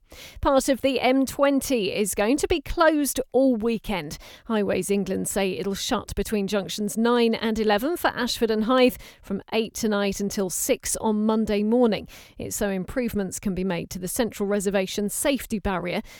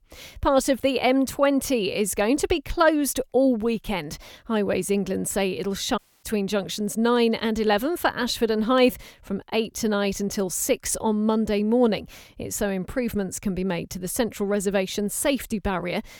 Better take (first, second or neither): first